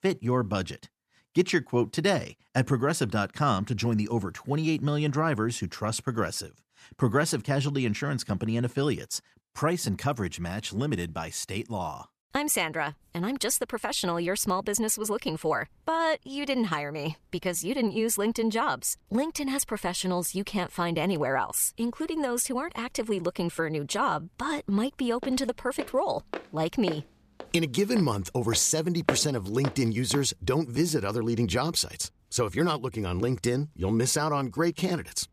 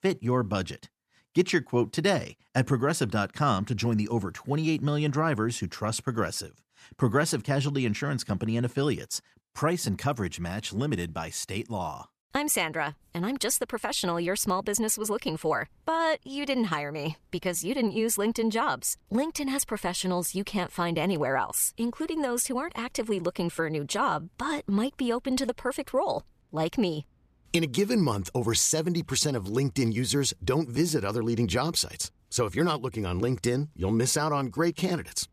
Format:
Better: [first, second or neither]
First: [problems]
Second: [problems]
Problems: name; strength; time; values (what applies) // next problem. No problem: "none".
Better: second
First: footsteps; noticeable; from 25 to 30 s; peak 2 dB below the speech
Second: none